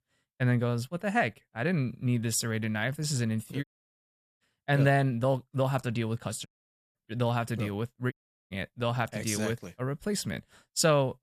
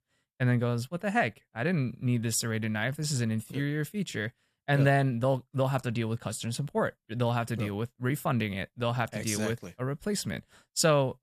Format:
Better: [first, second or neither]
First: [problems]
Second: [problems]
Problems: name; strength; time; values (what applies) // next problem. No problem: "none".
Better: second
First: audio cutting out; at 3.5 s for 1 s, at 6.5 s and at 8 s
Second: none